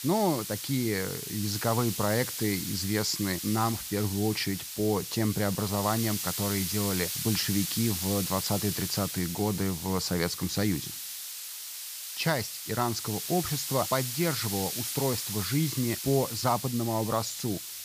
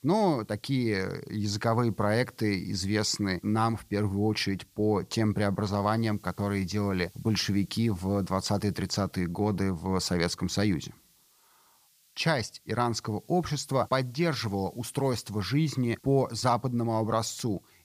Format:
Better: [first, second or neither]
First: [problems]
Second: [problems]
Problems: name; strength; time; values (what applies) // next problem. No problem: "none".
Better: second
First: hiss; loud; throughout; 4 dB below the speech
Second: hiss; faint; throughout; 30 dB below the speech